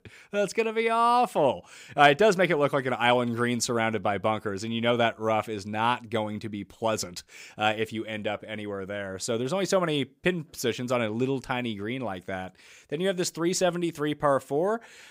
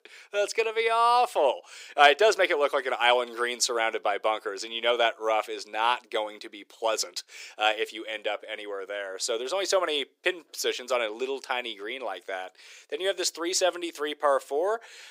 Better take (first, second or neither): first